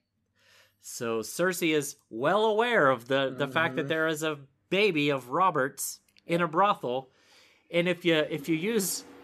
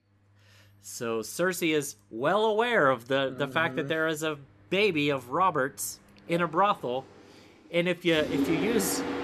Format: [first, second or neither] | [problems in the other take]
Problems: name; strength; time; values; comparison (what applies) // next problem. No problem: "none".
first | machinery noise; loud; throughout; 4 dB below the speech; faint in the first